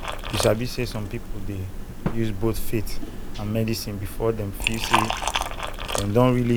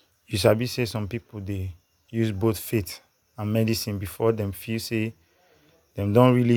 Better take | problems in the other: second | background sound (Liquid); 1 dB below the speech

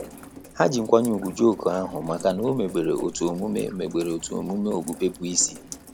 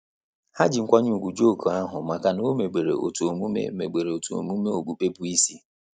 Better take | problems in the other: second | background sound (Rain); 18 dB below the speech

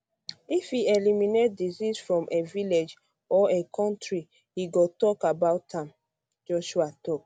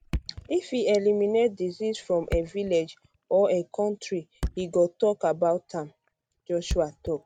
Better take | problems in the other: first | background sound (Thump, thud); 12 dB below the speech

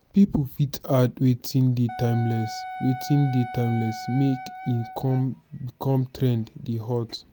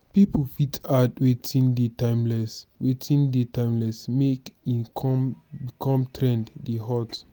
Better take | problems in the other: second | background sound (Wind instrument, woodwind instrument); 12 dB below the speech

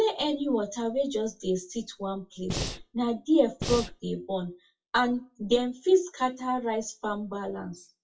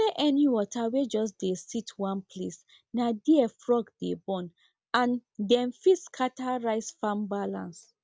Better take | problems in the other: second | noise reduction (classical method WPE with log-MMSE)

